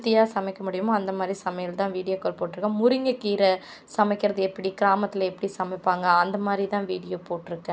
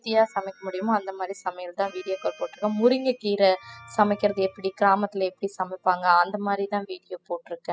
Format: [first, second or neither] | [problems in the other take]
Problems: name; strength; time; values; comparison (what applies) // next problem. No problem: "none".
first | noise reduction (classical method spectral subtraction)